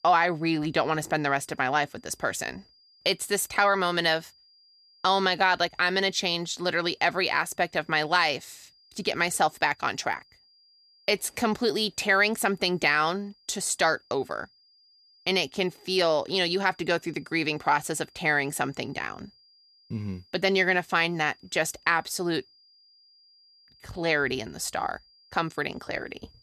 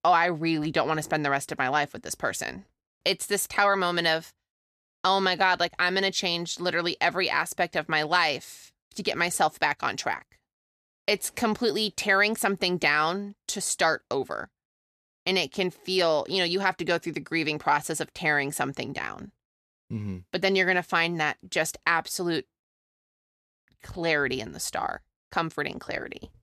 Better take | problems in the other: second | high-pitched whine; faint; throughout; 5 kHz, 30 dB below the speech

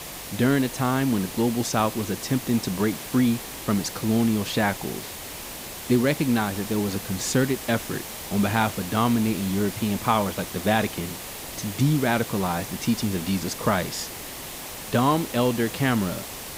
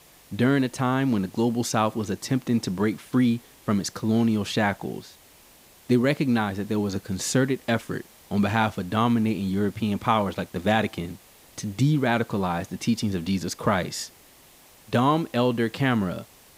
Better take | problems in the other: second | hiss; loud; throughout; 9 dB below the speech; faint in the second

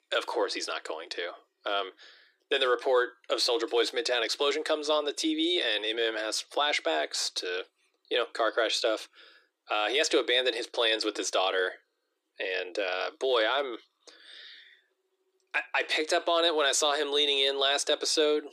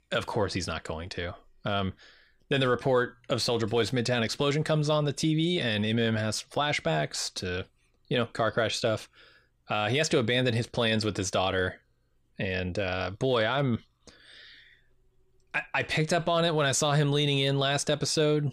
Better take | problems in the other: second | thin; very; fading below 300 Hz

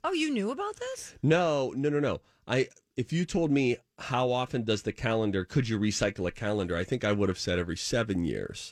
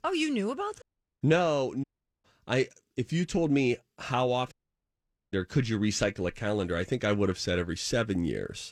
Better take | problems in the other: first | audio cutting out; at 1 s, at 2 s and at 4.5 s for 1 s

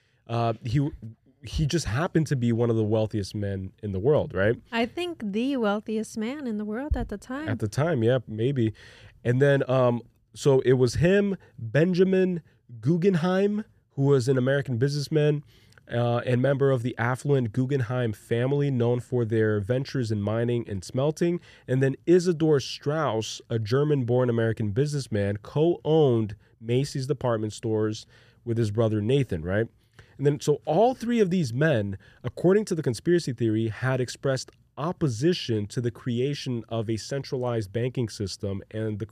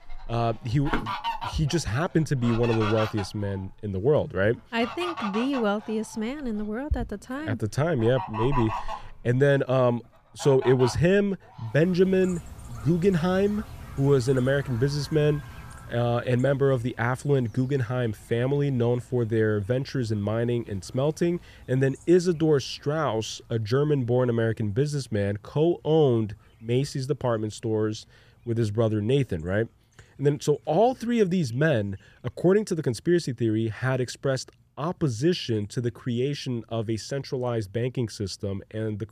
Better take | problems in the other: first | animal sounds; noticeable; throughout; 10 dB below the speech

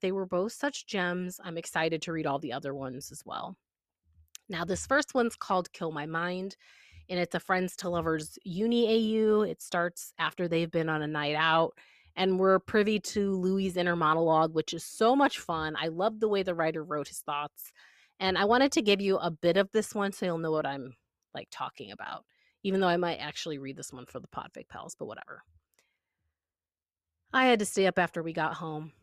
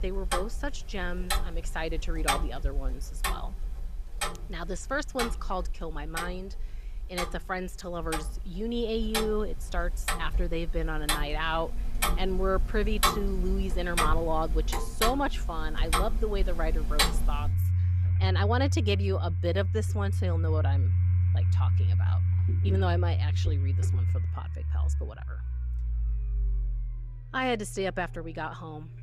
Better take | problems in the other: first | household noises; very loud; throughout; 4 dB above the speech

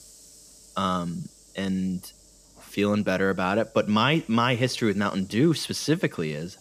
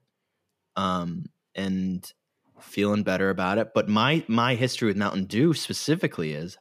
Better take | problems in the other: second | hiss; faint; throughout; 25 dB below the speech

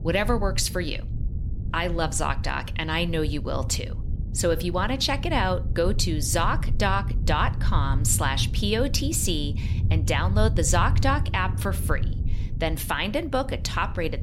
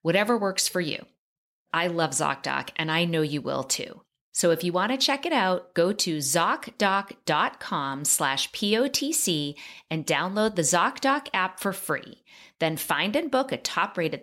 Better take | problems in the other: second | low rumble; noticeable; throughout; 15 dB below the speech

